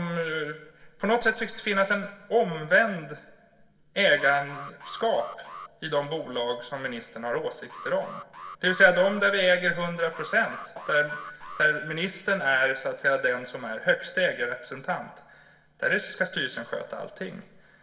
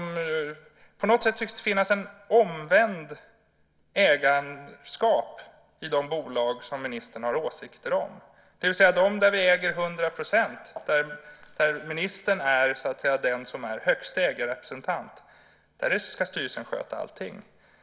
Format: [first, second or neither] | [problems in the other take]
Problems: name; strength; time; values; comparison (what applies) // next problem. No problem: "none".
second | background sound (Alarm); 16 dB below the speech // room echo; dies away in 1 s